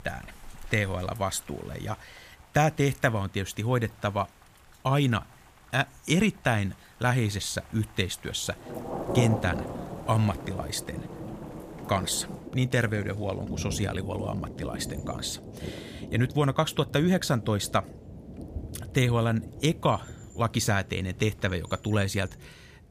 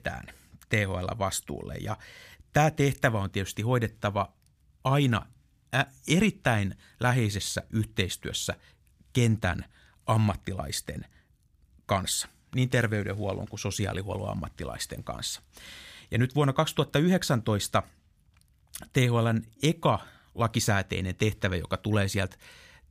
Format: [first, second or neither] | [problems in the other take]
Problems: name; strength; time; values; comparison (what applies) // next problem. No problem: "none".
second | rain or running water; noticeable; throughout; 10 dB below the speech